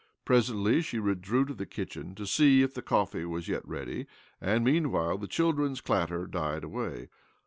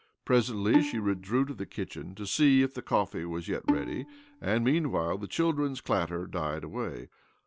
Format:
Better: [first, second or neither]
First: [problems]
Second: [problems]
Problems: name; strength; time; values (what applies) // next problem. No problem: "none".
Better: first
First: none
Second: background sound (Bowed string instrument); 6 dB below the speech